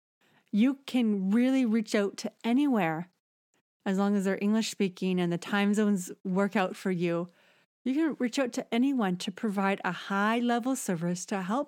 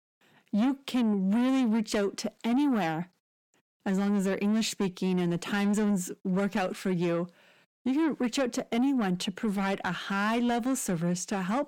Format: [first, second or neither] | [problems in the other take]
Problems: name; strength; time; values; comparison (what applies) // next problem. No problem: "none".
first | distortion; slight; 10 dB below the speech